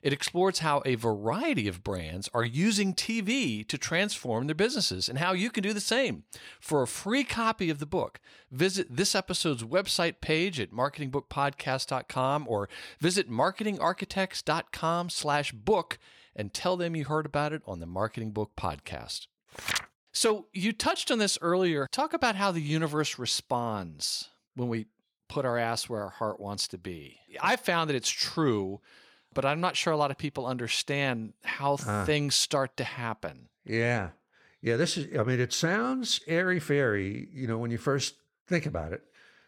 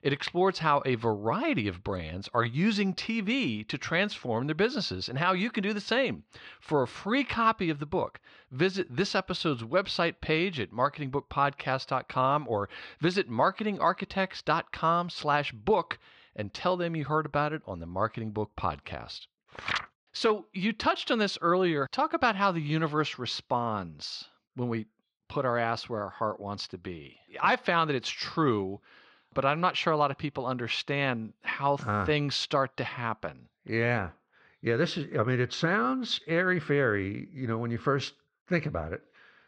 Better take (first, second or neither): first